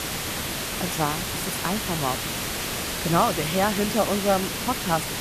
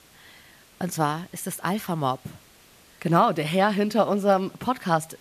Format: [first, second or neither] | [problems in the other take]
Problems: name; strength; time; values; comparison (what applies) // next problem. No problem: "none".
second | hiss; loud; throughout; 1 dB below the speech; faint in the second